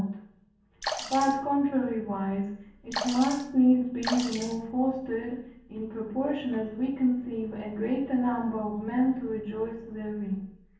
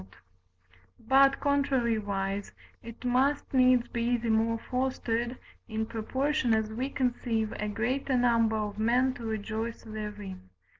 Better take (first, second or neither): second